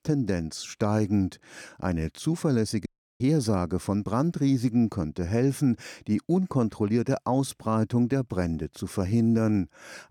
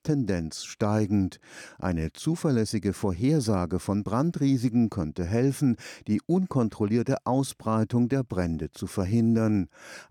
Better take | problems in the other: second | audio cutting out; at 3 s

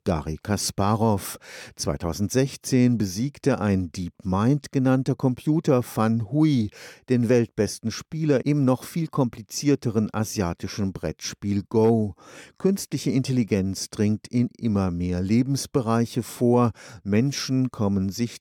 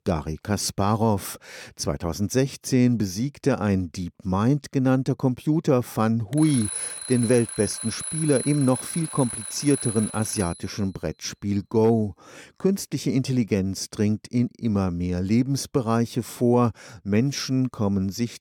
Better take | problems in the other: first | alarm; noticeable; from 6.5 to 11 s; peak 4 dB below the speech

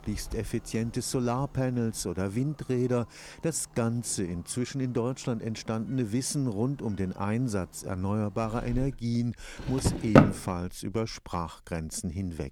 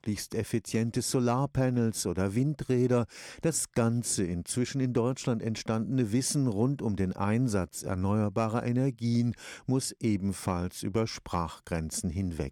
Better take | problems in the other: second | household noises; very loud; throughout; 4 dB above the speech

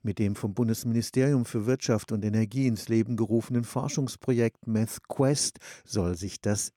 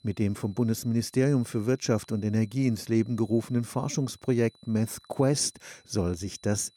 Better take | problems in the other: first | high-pitched whine; faint; throughout; 4 kHz, 30 dB below the speech

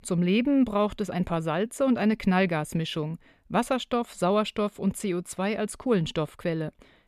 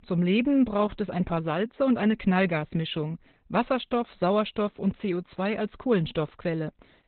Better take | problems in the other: first | garbled, watery; badly; nothing above 4 kHz

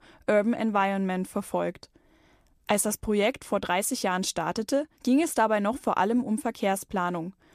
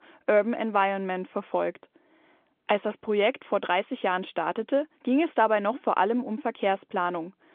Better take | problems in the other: first | phone-call audio; nothing above 3.5 kHz

